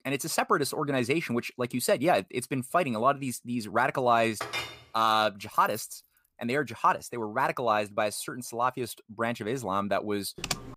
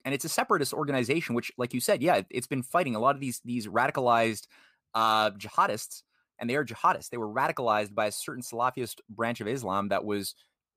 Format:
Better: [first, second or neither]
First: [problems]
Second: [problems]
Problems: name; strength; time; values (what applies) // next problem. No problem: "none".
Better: second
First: clattering dishes; noticeable; at 4.5 s; peak 5 dB below the speech // jangling keys; faint; at 5.5 s; peak 15 dB below the speech // keyboard typing; noticeable; at 10 s; peak 5 dB below the speech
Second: none